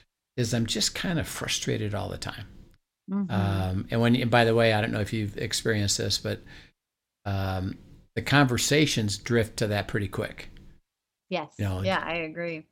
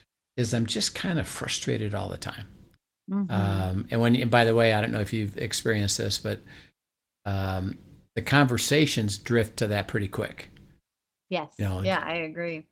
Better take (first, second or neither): first